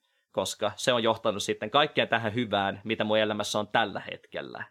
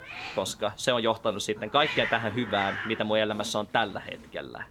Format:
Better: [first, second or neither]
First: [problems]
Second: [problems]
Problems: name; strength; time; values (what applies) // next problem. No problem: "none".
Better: first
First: none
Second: hiss; loud; throughout; 8 dB below the speech